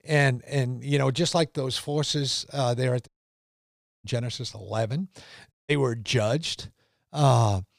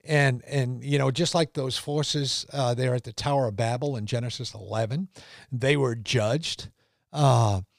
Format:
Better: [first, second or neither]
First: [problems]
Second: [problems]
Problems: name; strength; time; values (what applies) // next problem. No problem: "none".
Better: second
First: audio cutting out; at 3 s for 1 s and at 5.5 s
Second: none